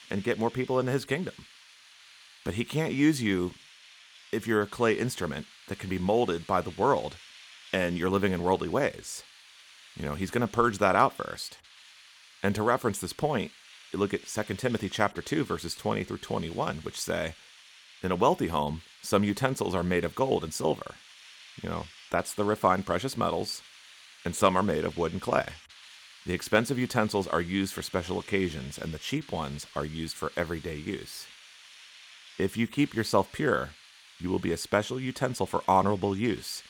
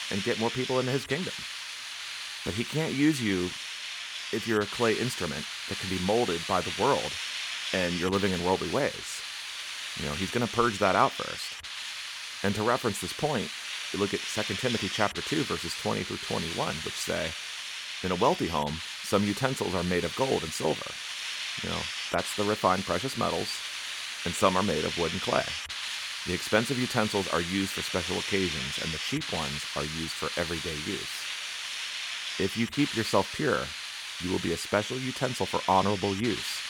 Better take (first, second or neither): first